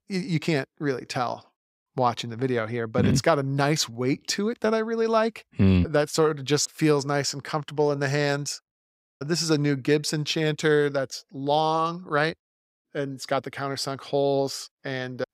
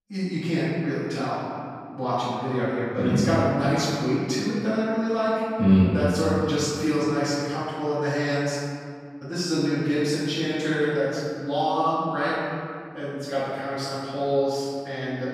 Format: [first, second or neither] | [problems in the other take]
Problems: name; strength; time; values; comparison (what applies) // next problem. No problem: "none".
first | off-mic speech; far // room echo; strong; dies away in 2.2 s